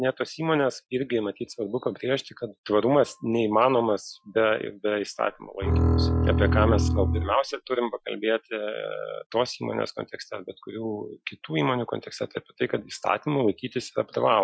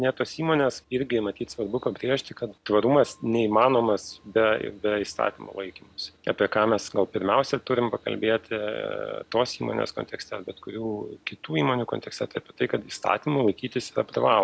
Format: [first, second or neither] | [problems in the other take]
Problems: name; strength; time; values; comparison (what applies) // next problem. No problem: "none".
second | noise reduction (classical method Wiener filter)